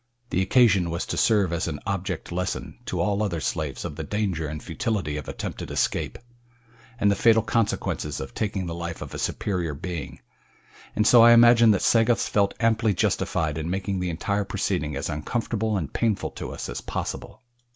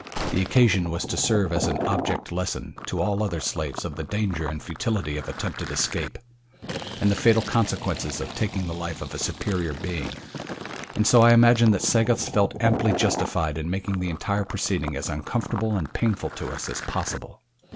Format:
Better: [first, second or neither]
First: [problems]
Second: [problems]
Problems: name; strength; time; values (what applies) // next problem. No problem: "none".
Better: first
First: none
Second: background sound (Gunshot, gunfire + Fill (with liquid)); 10 dB below the speech